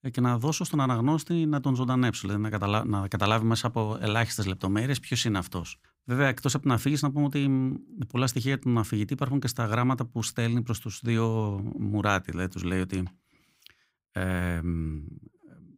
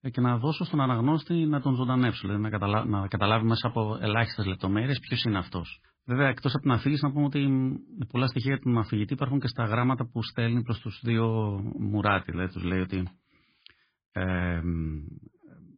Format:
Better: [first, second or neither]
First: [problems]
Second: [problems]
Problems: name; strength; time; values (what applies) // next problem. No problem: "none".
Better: first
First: none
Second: garbled, watery; badly